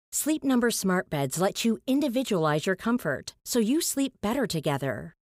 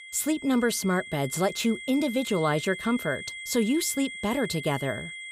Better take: first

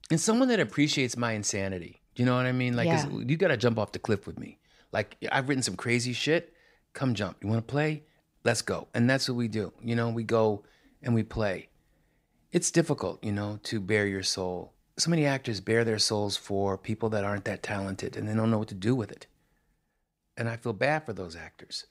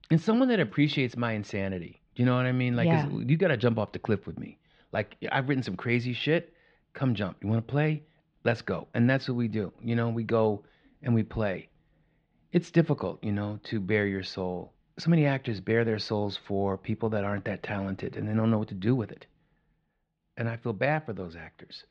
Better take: first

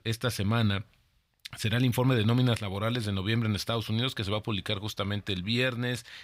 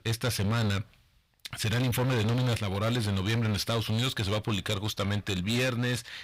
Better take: first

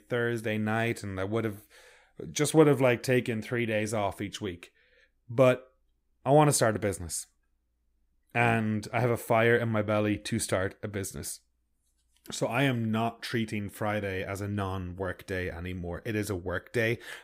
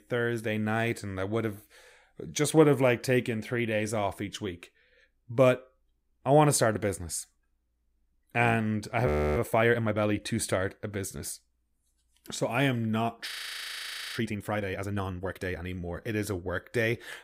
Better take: first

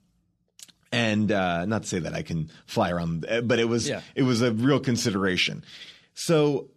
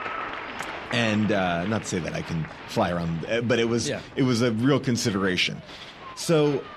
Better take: first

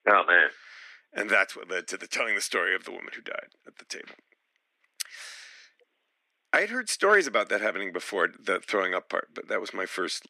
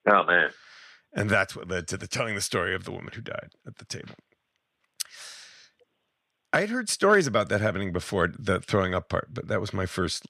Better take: second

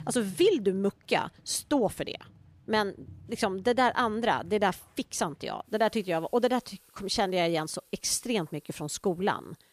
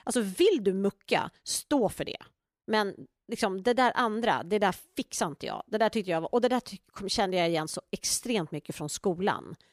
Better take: second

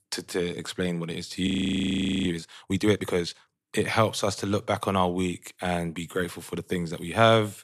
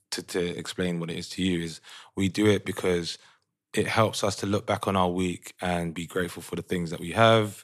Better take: second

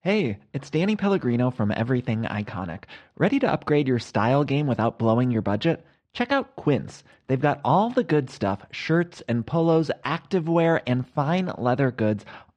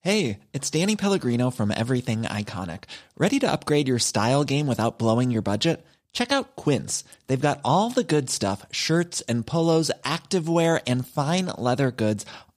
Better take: second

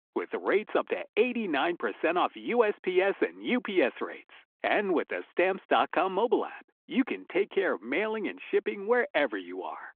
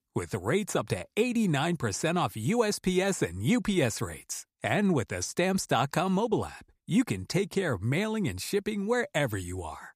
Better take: second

